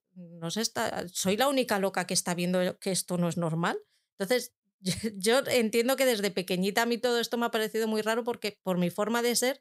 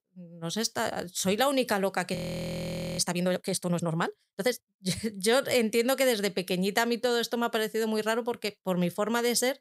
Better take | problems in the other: first | audio freezing; at 2 s for 1 s

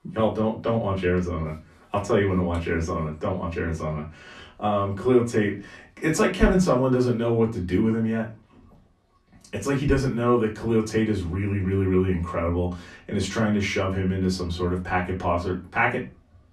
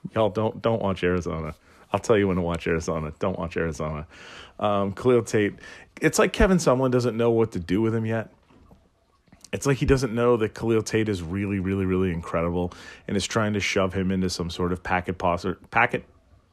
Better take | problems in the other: second | off-mic speech; far // room echo; very slight; dies away in 0.3 s

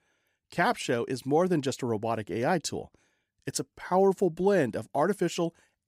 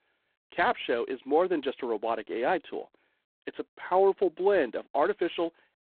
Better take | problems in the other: first | phone-call audio; poor line

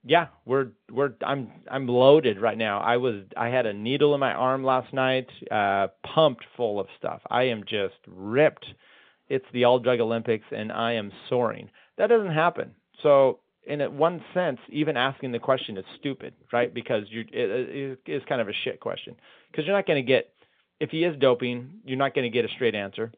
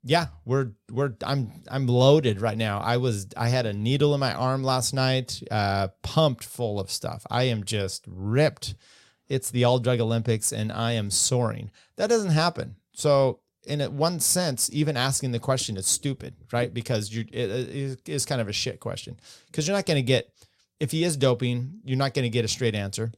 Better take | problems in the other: second | phone-call audio; nothing above 3.5 kHz

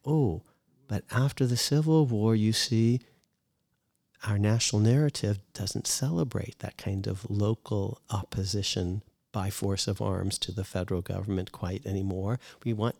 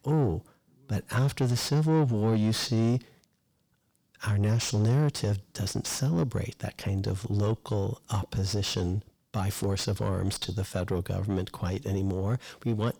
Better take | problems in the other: first | distortion; slight; 9 dB below the speech

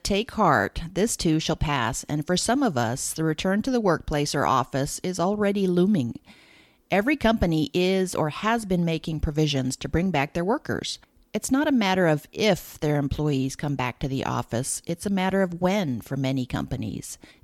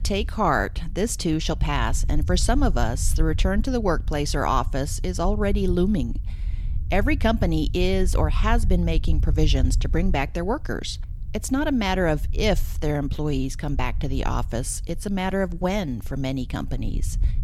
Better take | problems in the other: first | low rumble; faint; throughout; 20 dB below the speech

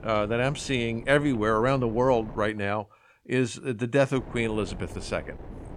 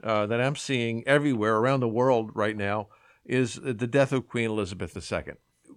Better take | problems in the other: second | wind noise on the microphone; occasional gusts; until 2.5 s and from 4 s on; 20 dB below the speech

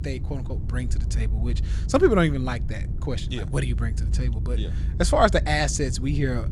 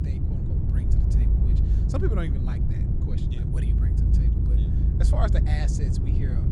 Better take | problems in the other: first | low rumble; loud; throughout; 2 dB below the speech; faint in the first

